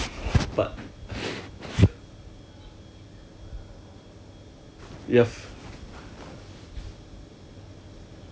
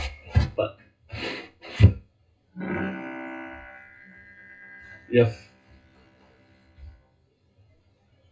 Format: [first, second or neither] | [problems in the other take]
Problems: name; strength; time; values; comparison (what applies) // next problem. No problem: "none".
first | noise reduction (classical method WPE with log-MMSE)